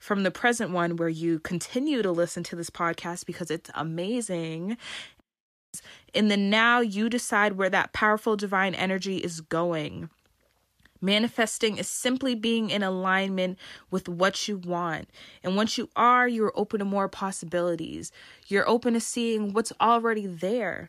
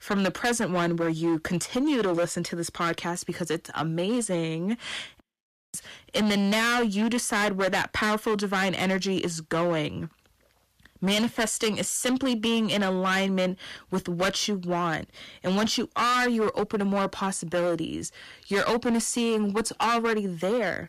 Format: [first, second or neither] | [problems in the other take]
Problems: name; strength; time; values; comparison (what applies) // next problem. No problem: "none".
first | distortion; heavy; 14% of the sound clipped